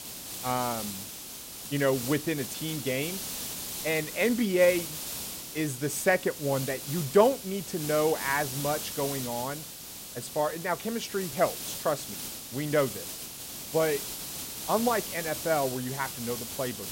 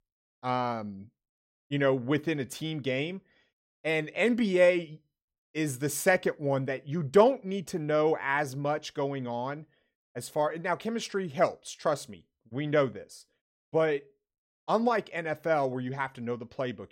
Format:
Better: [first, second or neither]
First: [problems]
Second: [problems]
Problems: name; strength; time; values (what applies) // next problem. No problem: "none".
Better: second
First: hiss; loud; throughout; 6 dB below the speech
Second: none